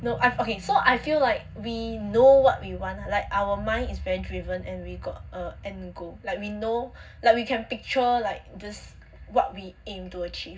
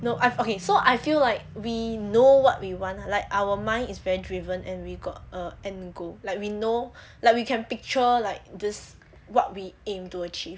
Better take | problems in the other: second | room echo; dies away in 0.4 s

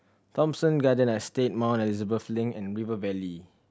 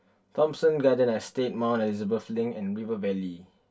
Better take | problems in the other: first | room echo; dies away in 0.1 s

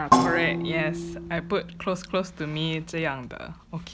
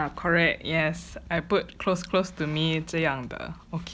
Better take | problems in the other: second | background sound (Percussion); 1 dB above the speech

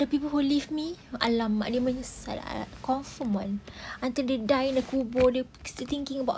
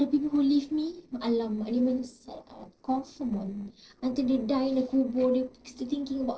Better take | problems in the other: first | noise reduction (neural separator model SepFormer DNS4)

